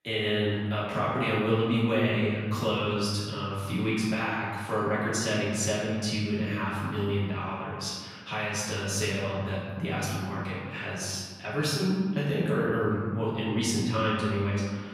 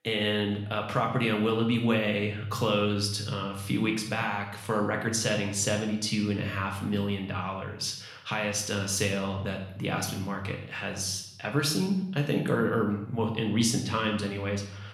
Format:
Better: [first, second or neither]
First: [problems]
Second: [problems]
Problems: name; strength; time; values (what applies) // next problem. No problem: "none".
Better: second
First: room echo; strong; dies away in 1.6 s // off-mic speech; far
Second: room echo; slight; dies away in 0.6 s // off-mic speech; somewhat distant